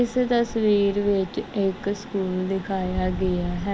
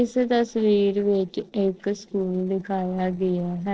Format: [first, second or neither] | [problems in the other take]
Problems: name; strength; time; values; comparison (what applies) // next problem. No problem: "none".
first | noise reduction (neural separator model SepFormer DNS4)